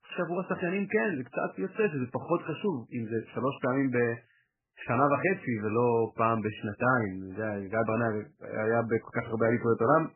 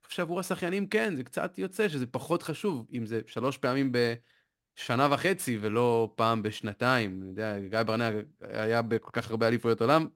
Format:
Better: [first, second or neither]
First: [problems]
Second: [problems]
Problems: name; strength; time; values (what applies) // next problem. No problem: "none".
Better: second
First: garbled, watery; badly; nothing above 3 kHz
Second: none